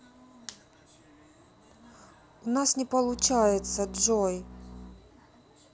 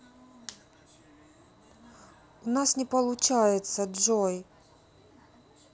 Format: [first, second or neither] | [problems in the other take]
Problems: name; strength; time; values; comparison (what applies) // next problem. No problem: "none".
second | background sound (Bowed string instrument); 15 dB below the speech